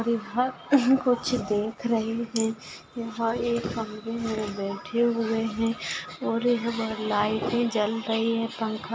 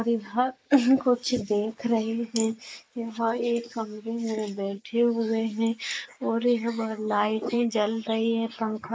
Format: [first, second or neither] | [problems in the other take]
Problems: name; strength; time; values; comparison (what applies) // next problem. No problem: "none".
first | noise reduction (neural mask model Resemble Enhance denoiser)